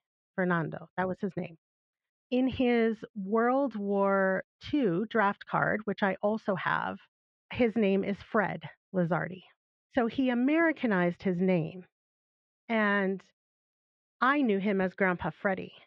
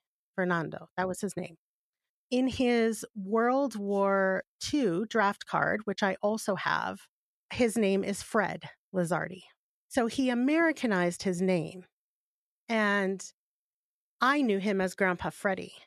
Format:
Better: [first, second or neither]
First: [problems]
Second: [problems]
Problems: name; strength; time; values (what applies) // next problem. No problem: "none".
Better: second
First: muffled; very; fading above 3 kHz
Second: none